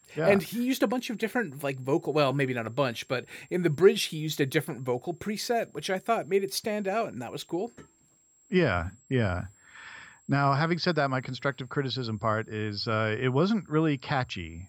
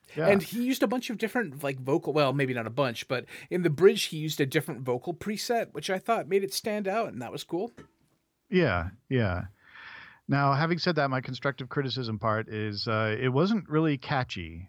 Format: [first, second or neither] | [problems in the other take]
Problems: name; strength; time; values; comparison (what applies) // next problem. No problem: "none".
second | high-pitched whine; faint; throughout; 7.5 kHz, 30 dB below the speech